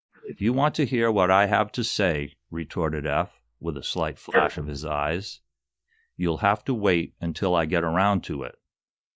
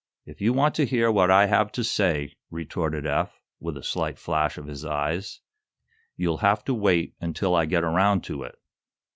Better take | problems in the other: second | noise reduction (neural mask model Resemble Enhance denoiser)

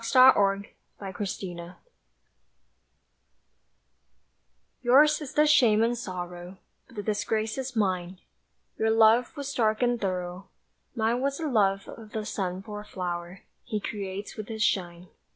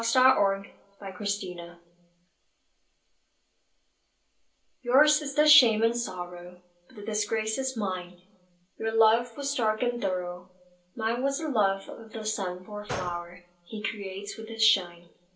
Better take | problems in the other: first | background sound (Gunshot, gunfire); 12 dB below the speech // room echo; dies away in 0.3 s

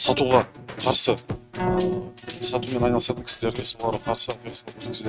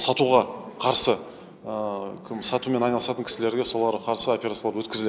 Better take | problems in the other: second | noise reduction (neural mask model RNNoise)

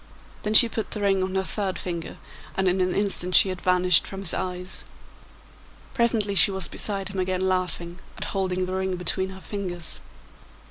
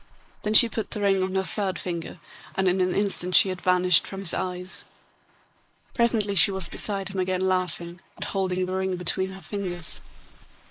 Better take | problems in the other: first | noise reduction (neural mask model Resemble Enhance denoiser)

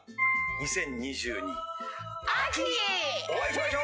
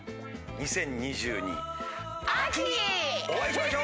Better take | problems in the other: second | noise reduction (classical method log-MMSE)

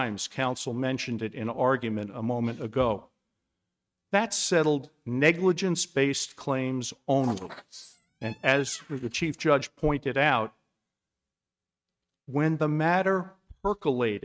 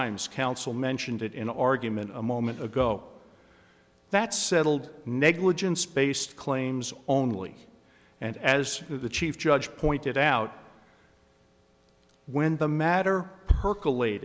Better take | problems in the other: second | noise reduction (neural mask model RNNoise)

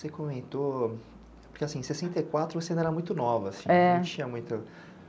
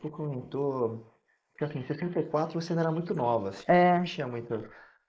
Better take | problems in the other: first | noise reduction (neural mask model Resemble Enhance denoiser)

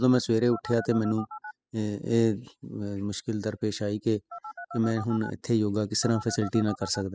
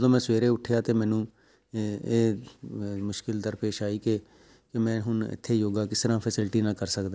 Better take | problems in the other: second | noise reduction (classical method spectral subtraction)

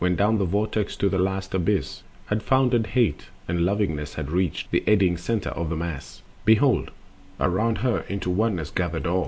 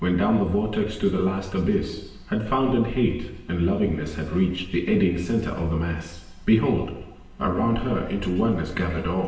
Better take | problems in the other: first | room echo; dies away in 1 s

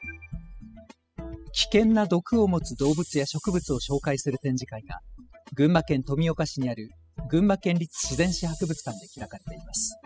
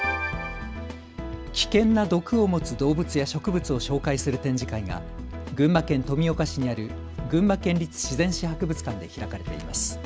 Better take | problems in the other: second | noise reduction (classical method spectral subtraction)

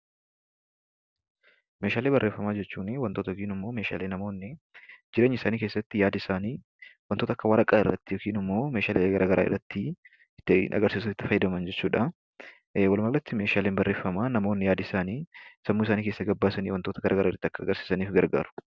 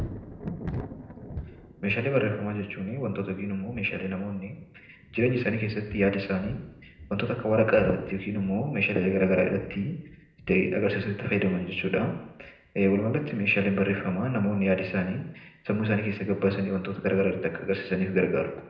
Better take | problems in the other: first | background sound (Thunder); 17 dB below the speech // room echo; dies away in 0.8 s

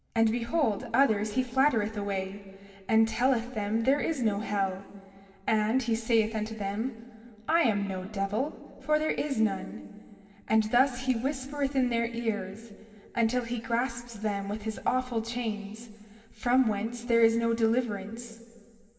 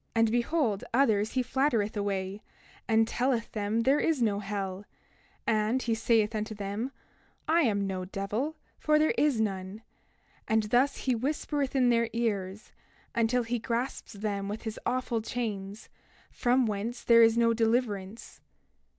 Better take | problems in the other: second | room echo; dies away in 1.9 s

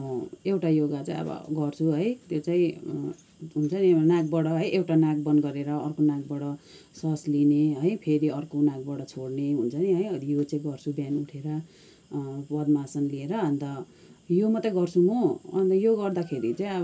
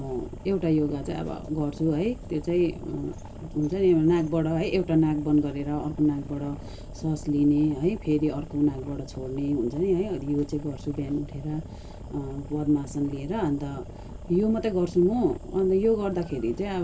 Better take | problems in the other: first | background sound (Boat, Water vehicle); 13 dB below the speech

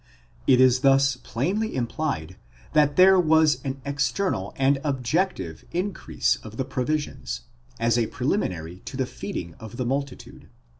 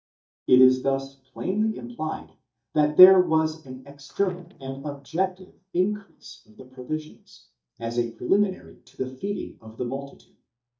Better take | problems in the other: first | noise reduction (neural mask model DeepFilterNet 3)

